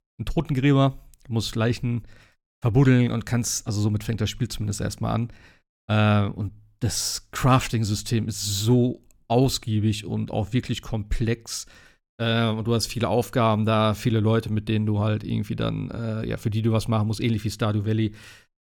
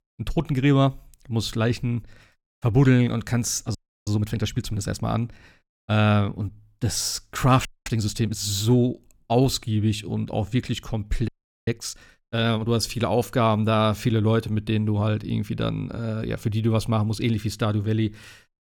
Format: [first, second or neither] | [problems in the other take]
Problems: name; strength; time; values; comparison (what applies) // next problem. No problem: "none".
first | audio freezing; at 4 s, at 7.5 s and at 11 s